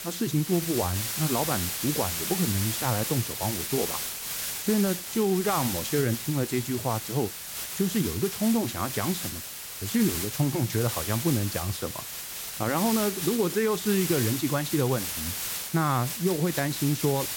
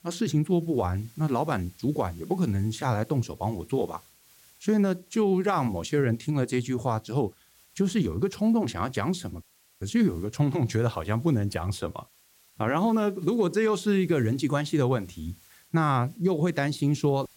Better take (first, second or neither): second